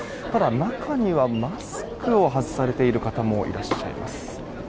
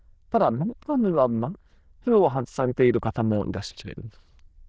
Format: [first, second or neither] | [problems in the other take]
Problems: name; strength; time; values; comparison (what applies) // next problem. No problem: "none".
first | noise reduction (neural diffusion model UNIVERSE++)